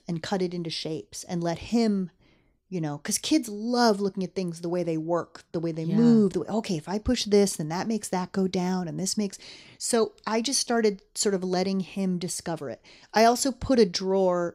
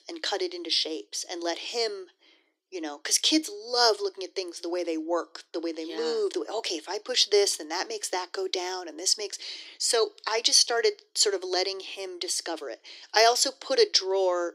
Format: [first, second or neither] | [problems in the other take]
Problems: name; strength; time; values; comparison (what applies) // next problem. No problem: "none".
first | thin; very; fading below 300 Hz